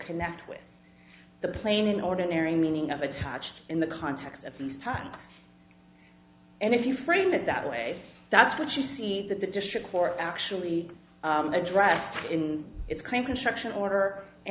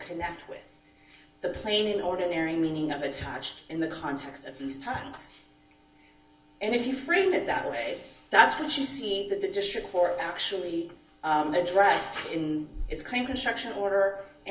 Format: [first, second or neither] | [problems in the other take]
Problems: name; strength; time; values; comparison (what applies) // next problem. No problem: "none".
first | room echo; dies away in 0.2 s